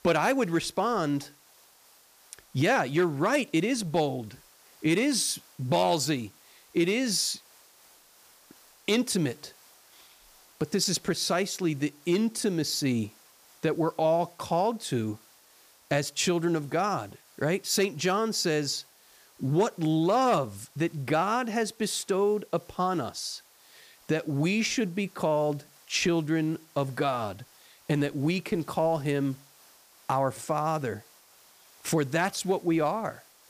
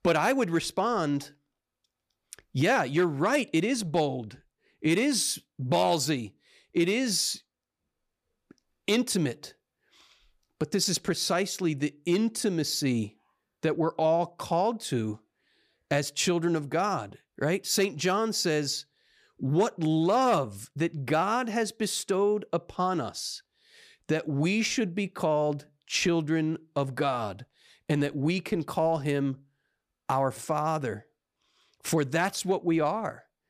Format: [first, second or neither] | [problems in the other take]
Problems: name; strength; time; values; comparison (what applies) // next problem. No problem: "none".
second | hiss; faint; throughout; 25 dB below the speech